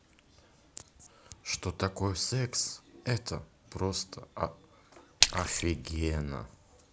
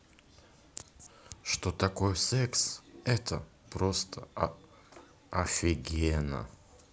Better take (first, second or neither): second